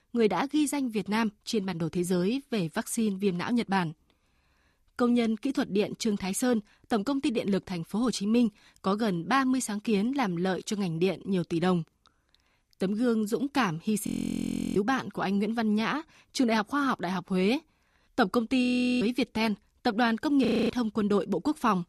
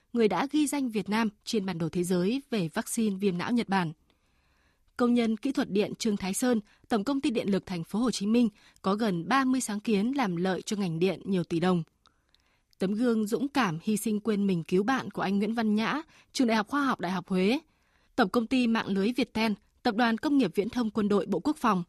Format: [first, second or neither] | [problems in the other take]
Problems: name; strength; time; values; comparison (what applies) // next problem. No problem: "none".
second | audio freezing; at 14 s for 0.5 s, at 19 s and at 20 s